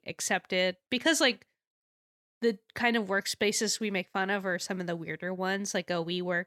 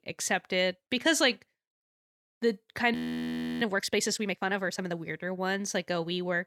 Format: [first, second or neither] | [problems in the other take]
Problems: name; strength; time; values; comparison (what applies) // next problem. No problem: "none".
first | audio freezing; at 3 s for 0.5 s